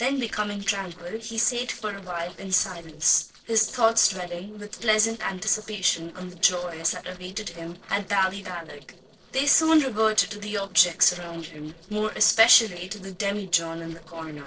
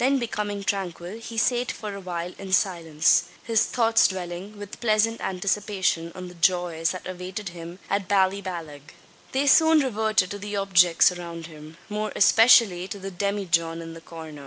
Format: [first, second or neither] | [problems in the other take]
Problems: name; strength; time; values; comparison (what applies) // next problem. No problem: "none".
second | noise reduction (neural separator model SepFormer DNS4)